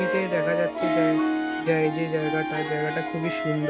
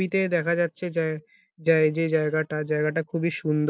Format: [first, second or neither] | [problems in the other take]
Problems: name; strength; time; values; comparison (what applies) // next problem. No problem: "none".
second | background sound (Wind instrument, woodwind instrument + Harp); 1 dB above the speech